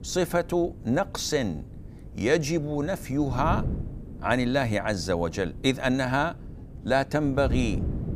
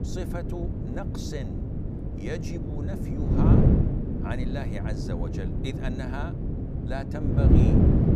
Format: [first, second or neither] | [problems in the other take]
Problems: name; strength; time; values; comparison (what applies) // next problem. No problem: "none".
first | wind noise on the microphone; heavy; 4 dB above the speech; occasional gusts in the first